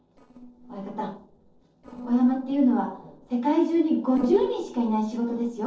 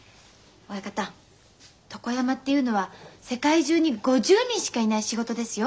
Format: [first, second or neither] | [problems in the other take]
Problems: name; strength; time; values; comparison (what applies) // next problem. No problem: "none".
second | noise reduction (neural separator model SepFormer DNS4)